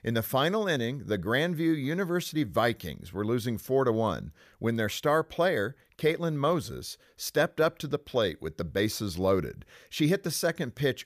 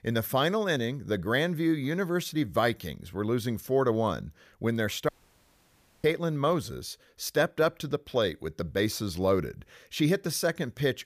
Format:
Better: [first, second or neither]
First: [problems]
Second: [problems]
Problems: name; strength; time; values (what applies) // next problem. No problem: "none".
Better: first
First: none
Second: audio cutting out; at 5 s for 1 s